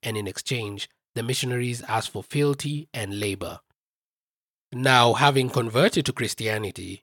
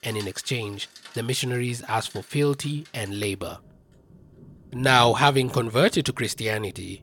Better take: first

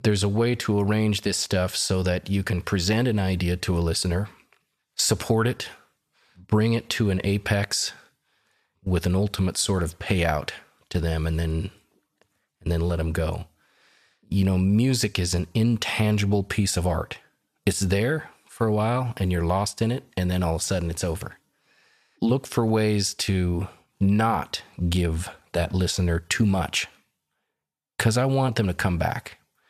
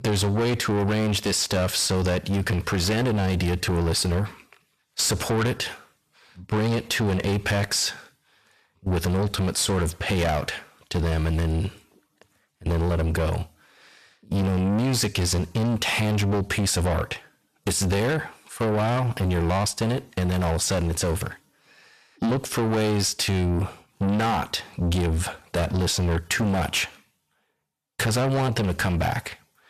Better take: first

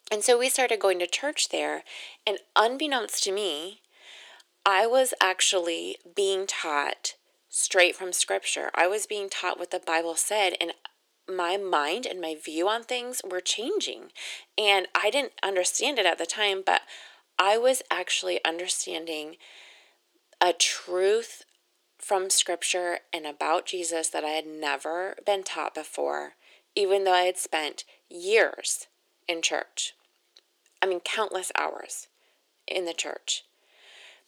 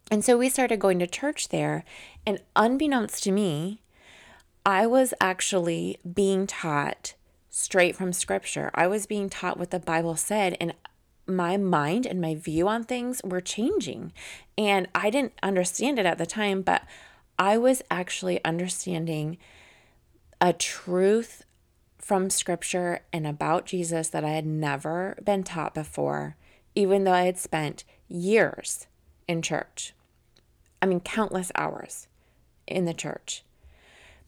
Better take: second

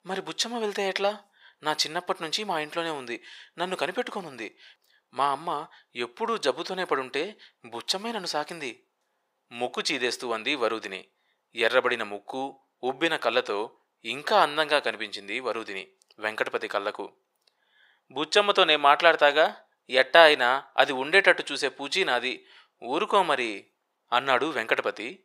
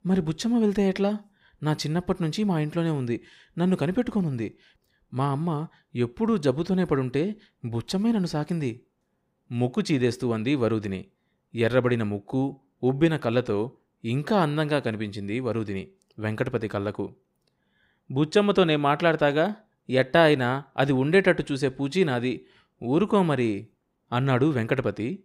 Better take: second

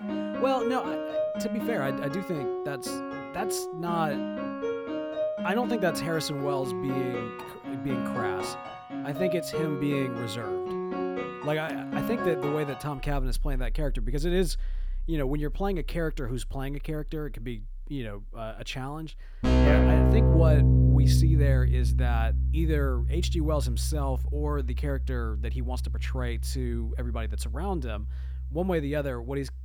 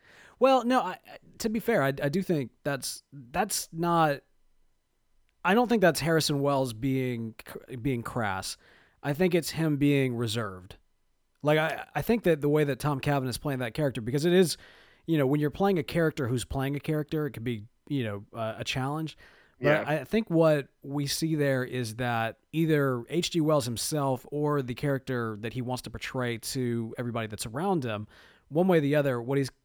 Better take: second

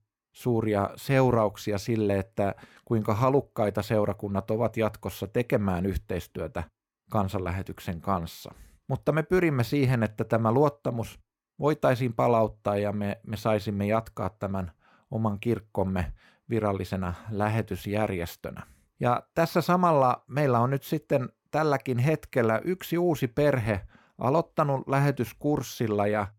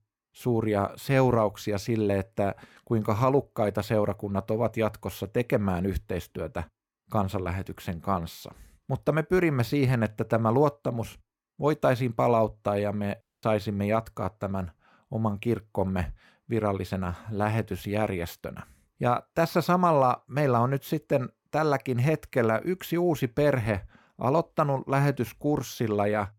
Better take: first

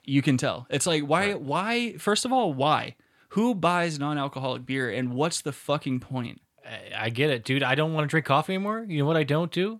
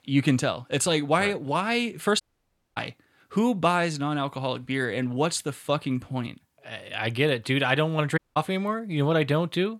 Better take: first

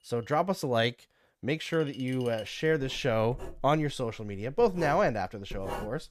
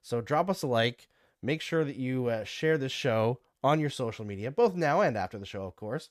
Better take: second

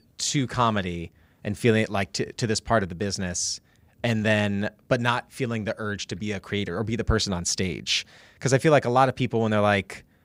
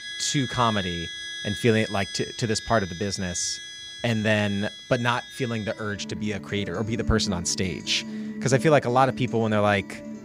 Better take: first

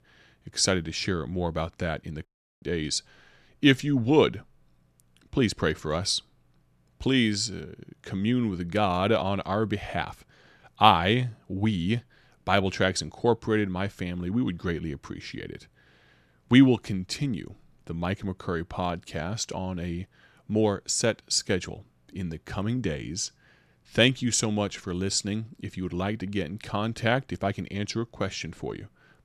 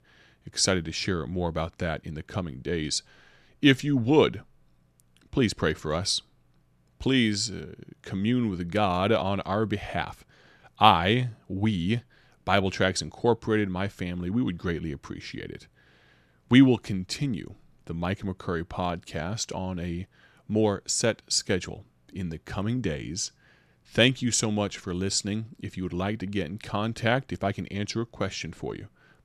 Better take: second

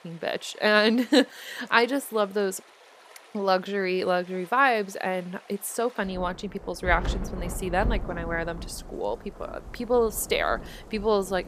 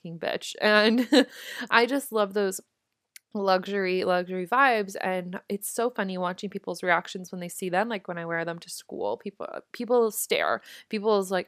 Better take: second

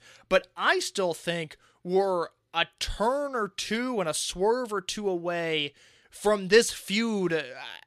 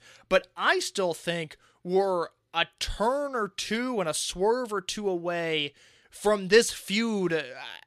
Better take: neither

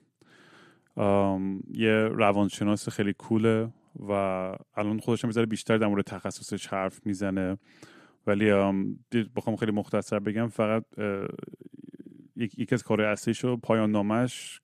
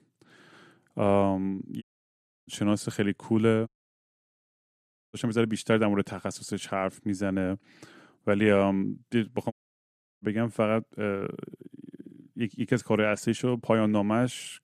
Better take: first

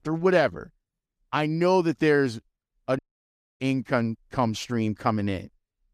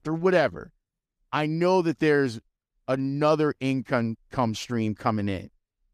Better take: second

